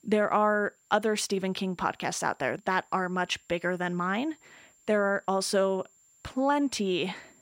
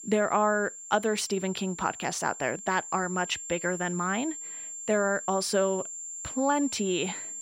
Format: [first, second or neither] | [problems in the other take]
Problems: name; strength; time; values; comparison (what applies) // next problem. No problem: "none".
first | high-pitched whine; loud; throughout; 7.5 kHz, 9 dB below the speech; faint in the first